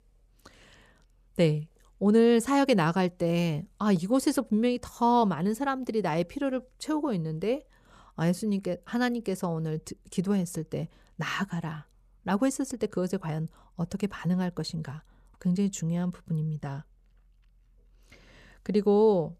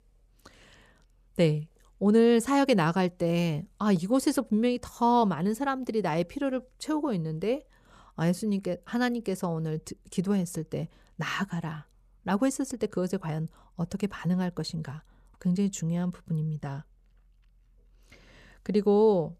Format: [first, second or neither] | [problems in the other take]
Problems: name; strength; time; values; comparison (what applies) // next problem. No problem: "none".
neither | none